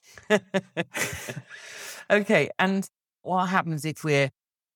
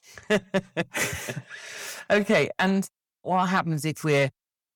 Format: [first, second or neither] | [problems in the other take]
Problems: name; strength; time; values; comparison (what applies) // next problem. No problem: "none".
first | distortion; slight; 10 dB below the speech